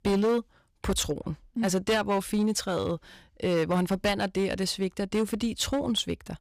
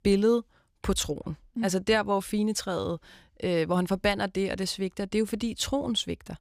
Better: second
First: distortion; slight; 7% of the sound clipped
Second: none

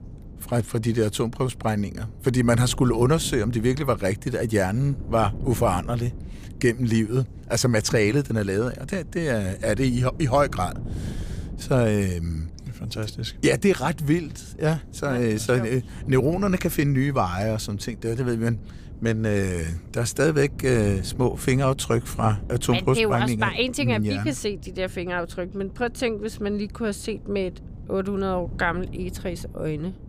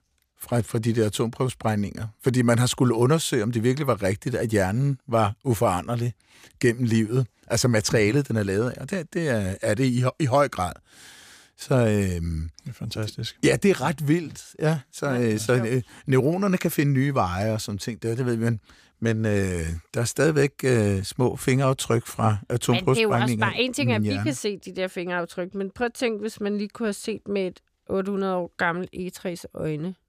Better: second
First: wind noise on the microphone; occasional gusts; 20 dB below the speech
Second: none

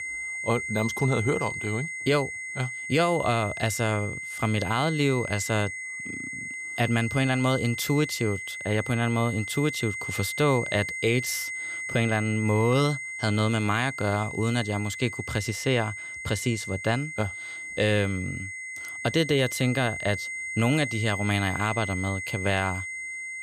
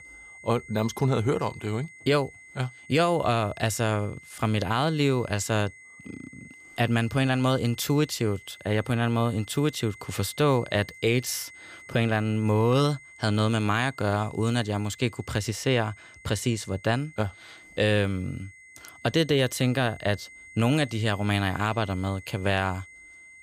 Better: second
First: high-pitched whine; loud; throughout; 2 kHz, 6 dB below the speech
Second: high-pitched whine; faint; throughout; 2 kHz, 20 dB below the speech

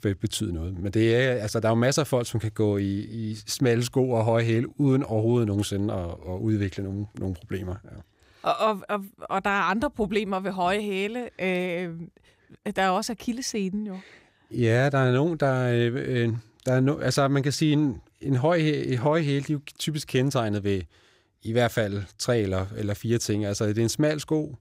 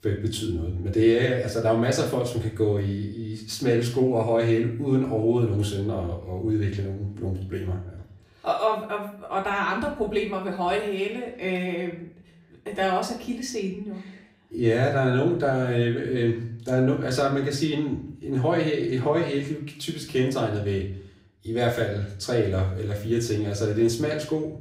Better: first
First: none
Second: off-mic speech; far // room echo; slight; dies away in 0.5 s

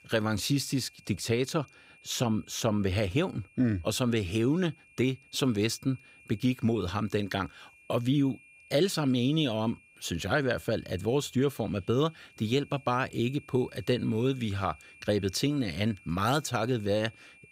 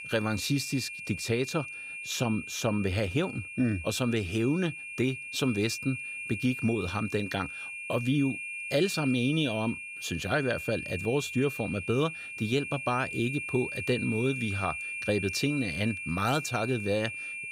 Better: first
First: high-pitched whine; faint; throughout; 2.5 kHz, 25 dB below the speech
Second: high-pitched whine; loud; throughout; 2.5 kHz, 6 dB below the speech

